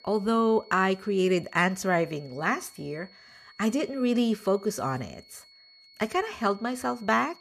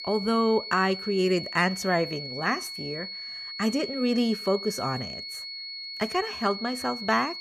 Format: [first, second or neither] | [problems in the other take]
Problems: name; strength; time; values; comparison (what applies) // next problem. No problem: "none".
first | high-pitched whine; loud; throughout; 4.5 kHz, 8 dB below the speech; faint in the first